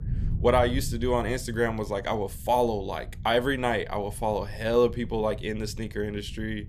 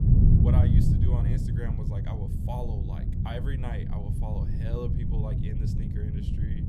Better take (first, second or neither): first